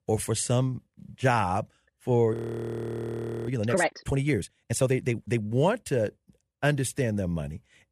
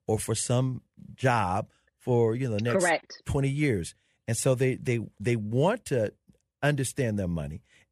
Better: second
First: audio freezing; at 2.5 s for 1 s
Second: none

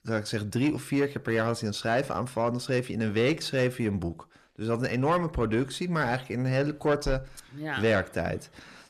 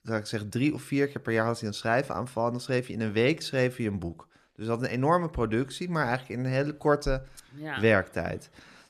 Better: second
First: distortion; slight; 10 dB below the speech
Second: none

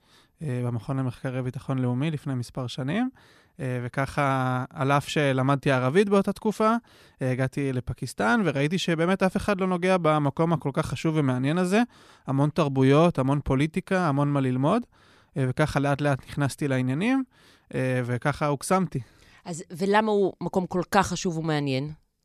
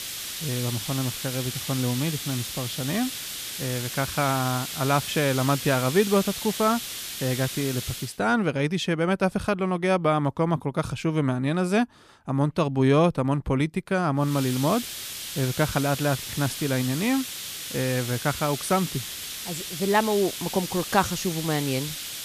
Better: first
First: none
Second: hiss; loud; until 8 s and from 14 s on; 6 dB below the speech

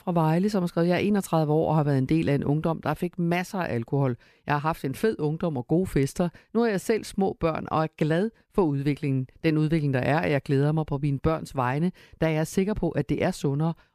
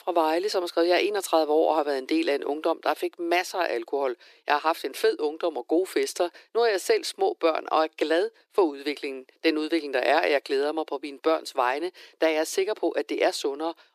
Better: first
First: none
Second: thin; very; fading below 350 Hz

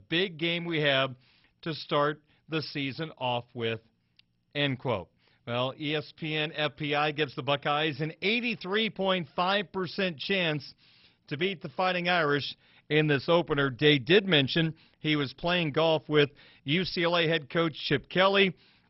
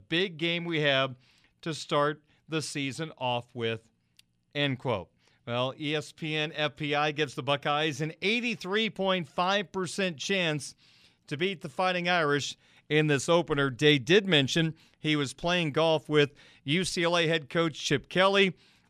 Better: second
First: garbled, watery; badly; nothing above 5.5 kHz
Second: none

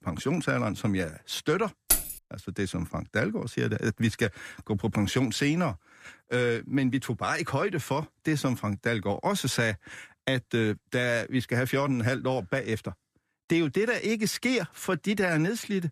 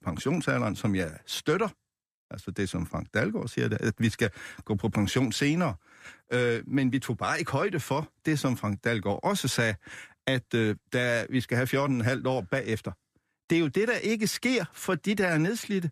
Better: second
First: jangling keys; loud; at 2 s; peak 4 dB above the speech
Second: none

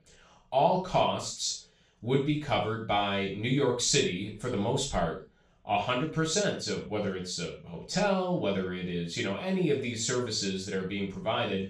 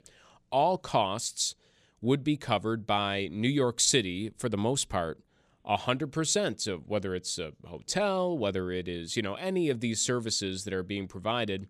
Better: second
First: room echo; noticeable; dies away in 0.3 s // off-mic speech; far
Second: none

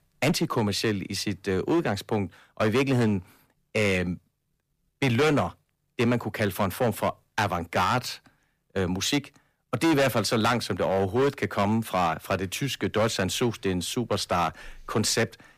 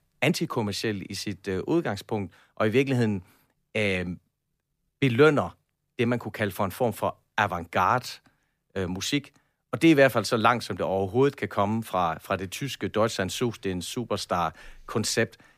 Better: second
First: distortion; heavy; 8% of the sound clipped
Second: none

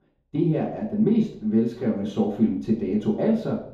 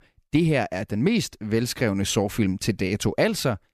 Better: second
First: room echo; noticeable; dies away in 3 s // off-mic speech; far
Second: none

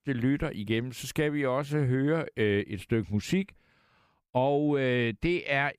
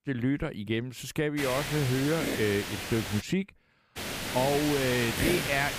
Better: first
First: none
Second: hiss; loud; from 1.5 to 3 s and from 4 s on; 3 dB below the speech

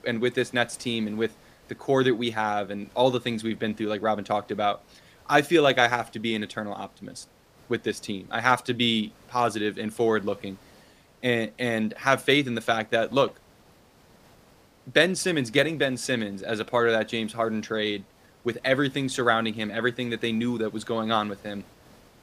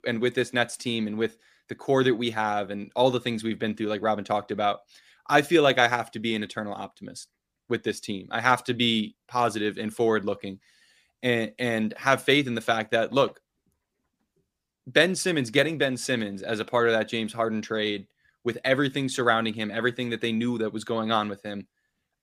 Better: second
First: hiss; faint; throughout; 30 dB below the speech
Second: none

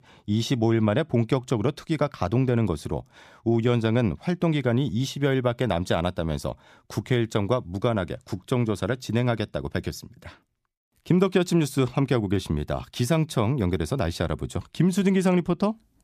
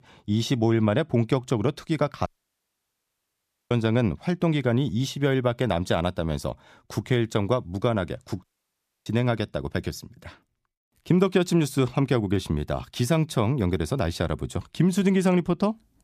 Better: first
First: none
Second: audio cutting out; at 2.5 s for 1.5 s and at 8.5 s for 0.5 s

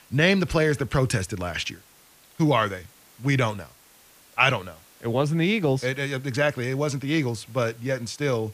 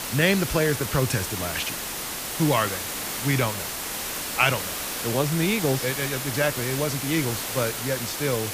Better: first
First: hiss; faint; throughout; 25 dB below the speech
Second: hiss; loud; throughout; 3 dB below the speech

